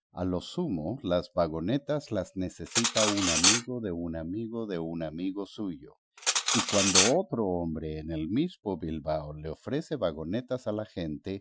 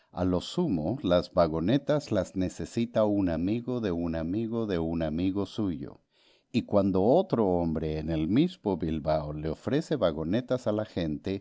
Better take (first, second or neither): second